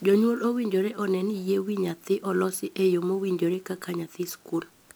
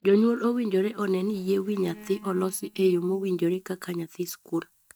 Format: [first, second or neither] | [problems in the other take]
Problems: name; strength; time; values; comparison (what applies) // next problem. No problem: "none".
first | noise reduction (neural mask model DeepFilterNet 3)